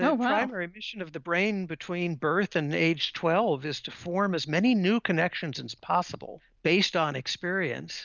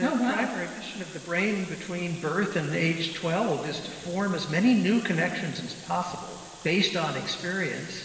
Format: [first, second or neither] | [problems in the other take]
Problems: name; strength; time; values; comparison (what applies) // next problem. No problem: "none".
first | background sound (Water tap, faucet); 19 dB below the speech // room echo; dies away in 2.1 s